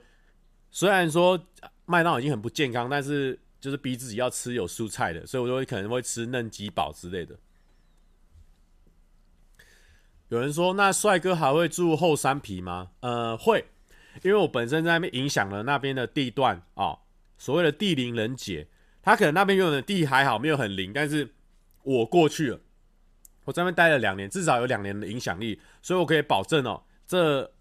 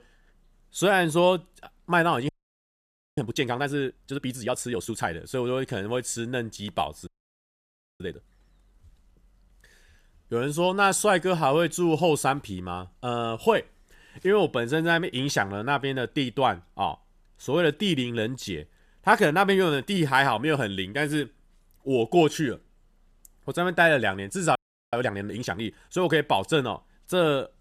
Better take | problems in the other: first | audio freezing; at 2.5 s for 1 s, at 7 s for 1 s and at 25 s

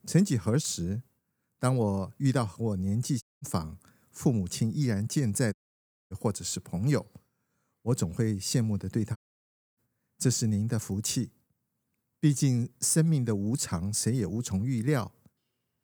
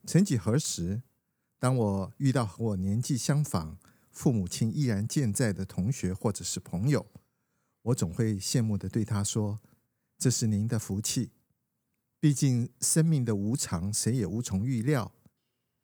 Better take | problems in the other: second | audio cutting out; at 3 s, at 5.5 s for 0.5 s and at 9 s for 0.5 s

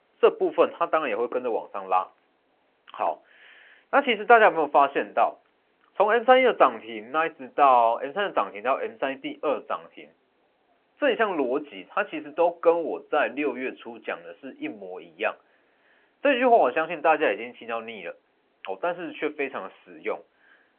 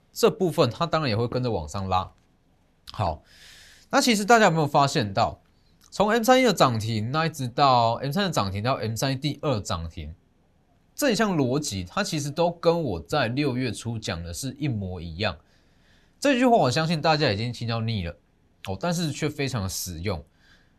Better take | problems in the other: second | phone-call audio

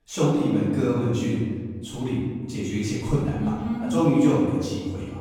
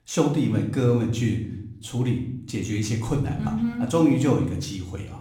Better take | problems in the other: second | room echo; strong; dies away in 1.4 s; slight in the second // off-mic speech; far; somewhat distant in the second

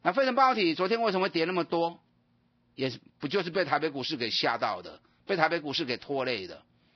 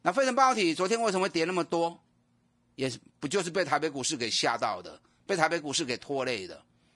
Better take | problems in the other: second | garbled, watery; badly; nothing above 5 kHz; slightly in the second

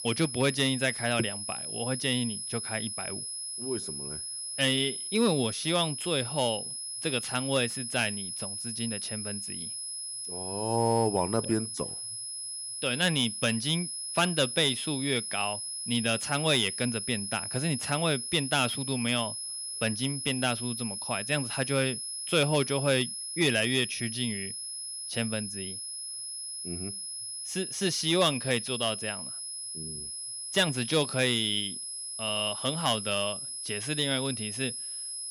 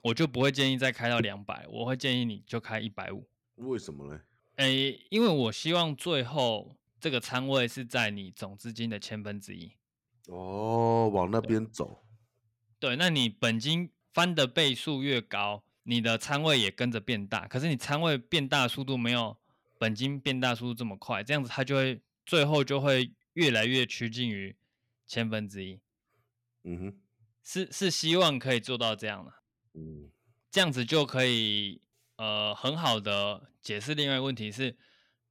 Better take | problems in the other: second | high-pitched whine; loud; throughout; 10.5 kHz, 5 dB below the speech

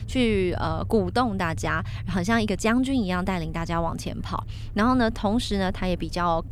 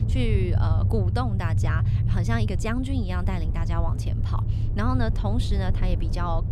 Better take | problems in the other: first | low rumble; loud; throughout; 7 dB below the speech; faint in the first

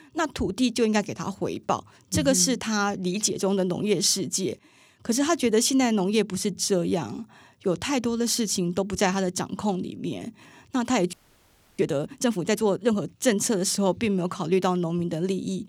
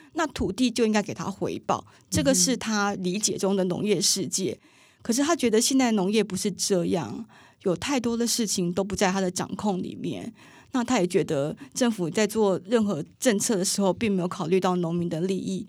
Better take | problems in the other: second | audio freezing; at 11 s for 0.5 s

